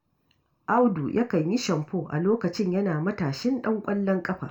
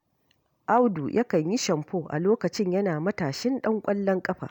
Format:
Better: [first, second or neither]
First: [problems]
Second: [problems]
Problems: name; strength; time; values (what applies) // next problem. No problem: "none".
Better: second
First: room echo; dies away in 0.2 s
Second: none